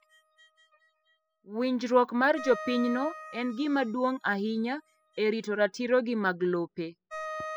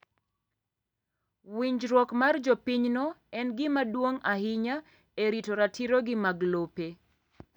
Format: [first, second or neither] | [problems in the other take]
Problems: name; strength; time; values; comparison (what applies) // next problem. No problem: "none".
second | noise reduction (classical method spectral subtraction)